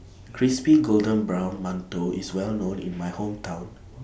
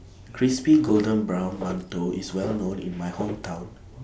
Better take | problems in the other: first | background sound (Walk, footsteps); 14 dB below the speech

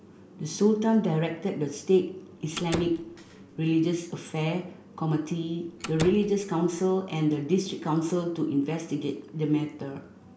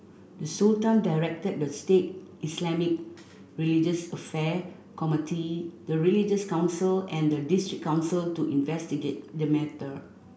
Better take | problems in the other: second | background sound (Slam); 11 dB below the speech

